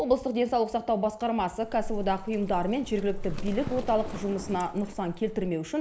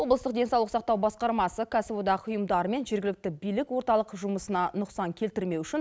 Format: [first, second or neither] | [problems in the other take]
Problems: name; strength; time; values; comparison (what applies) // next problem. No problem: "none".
second | background sound (Livestock, farm animals, working animals); 7 dB below the speech // room echo; dies away in 1.6 s